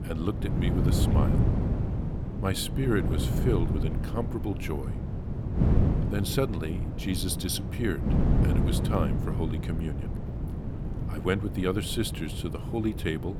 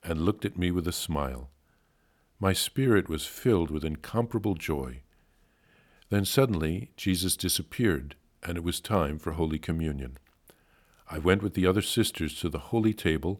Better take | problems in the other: second | wind noise on the microphone; heavy; 4 dB below the speech

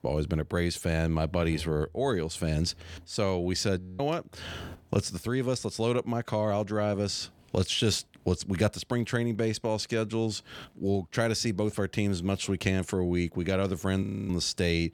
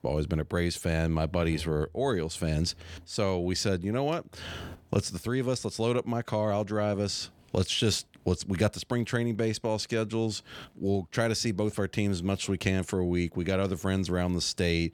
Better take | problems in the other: second | audio freezing; at 4 s and at 14 s

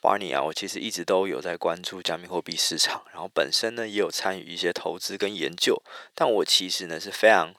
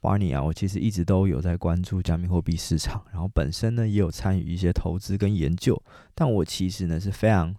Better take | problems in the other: second | thin; very; fading below 450 Hz

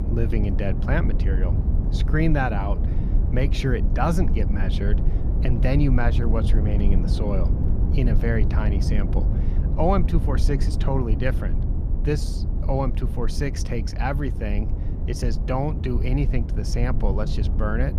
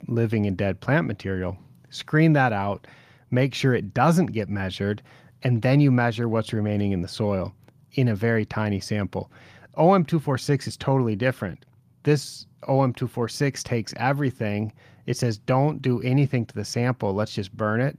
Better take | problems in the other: second | low rumble; loud; throughout; 8 dB below the speech

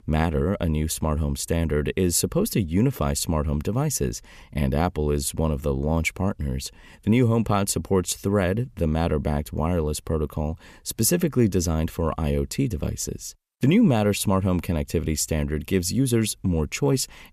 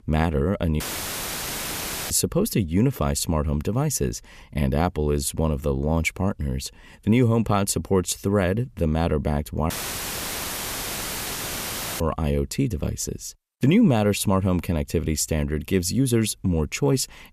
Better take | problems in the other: first | audio cutting out; filled with static; at 1 s for 1.5 s and at 9.5 s for 2.5 s

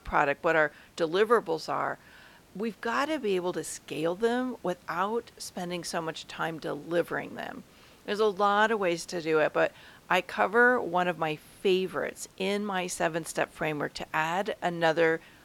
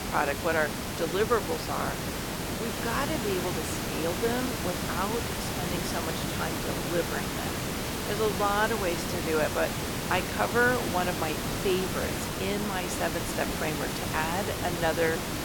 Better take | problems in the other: first | hiss; loud; throughout; 1 dB below the speech; faint in the first

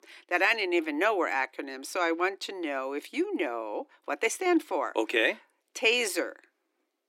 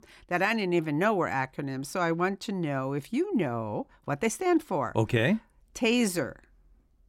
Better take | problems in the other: second | thin; somewhat; fading below 300 Hz

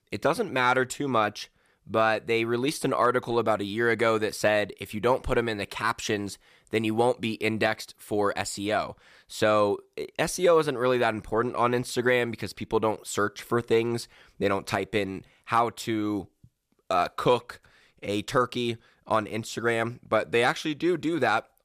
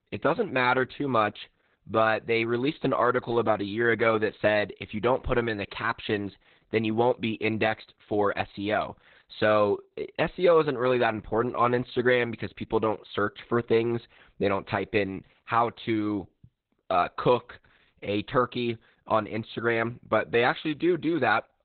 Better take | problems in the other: first | garbled, watery; badly; nothing above 4 kHz

